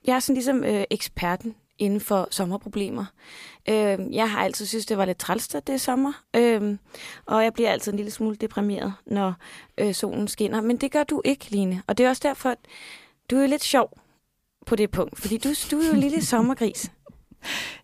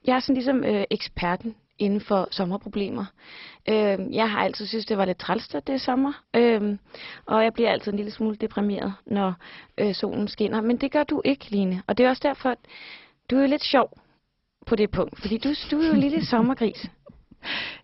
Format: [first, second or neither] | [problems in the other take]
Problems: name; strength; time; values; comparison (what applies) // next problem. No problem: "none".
first | garbled, watery; badly; nothing above 5.5 kHz